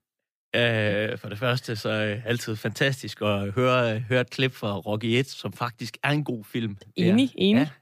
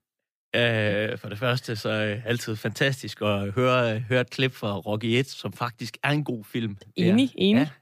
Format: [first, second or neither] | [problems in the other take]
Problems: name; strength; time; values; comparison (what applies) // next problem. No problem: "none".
neither | none